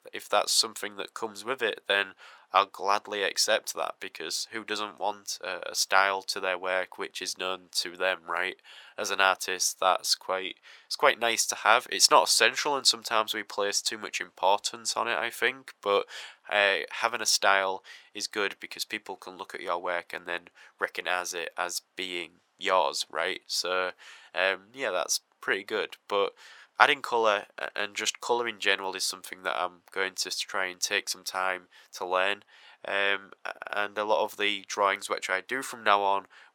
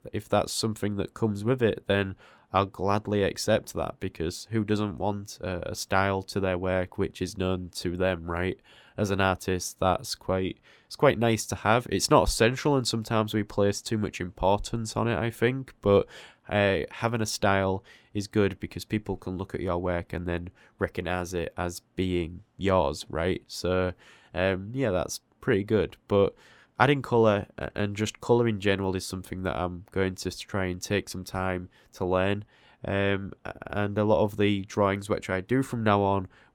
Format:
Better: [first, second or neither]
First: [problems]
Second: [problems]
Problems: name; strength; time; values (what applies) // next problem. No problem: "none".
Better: second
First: thin; very; fading below 850 Hz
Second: none